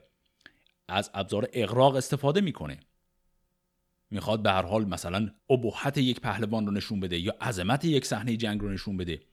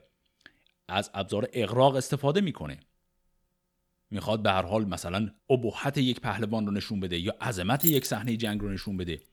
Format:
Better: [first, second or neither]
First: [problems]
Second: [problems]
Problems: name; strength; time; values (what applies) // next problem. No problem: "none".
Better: first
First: none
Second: jangling keys; loud; at 8 s; peak 2 dB above the speech